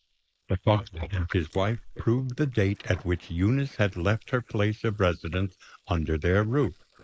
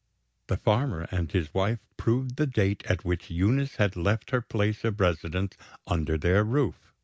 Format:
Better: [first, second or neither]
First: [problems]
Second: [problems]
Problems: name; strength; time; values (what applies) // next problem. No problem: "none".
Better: second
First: noise reduction (neural mask model Resemble Enhance denoiser)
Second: none